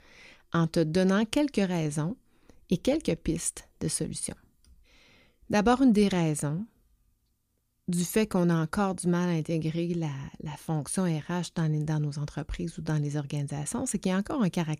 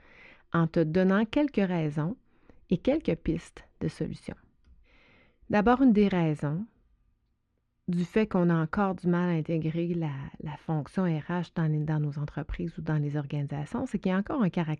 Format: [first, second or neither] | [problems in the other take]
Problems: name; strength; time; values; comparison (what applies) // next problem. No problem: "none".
first | muffled; very; fading above 2 kHz